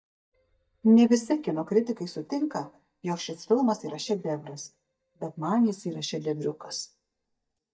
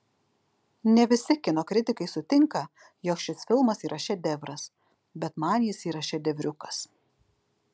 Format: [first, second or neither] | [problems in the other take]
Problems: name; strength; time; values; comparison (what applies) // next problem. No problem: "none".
second | noise reduction (neural mask model DeepFilterNet 3)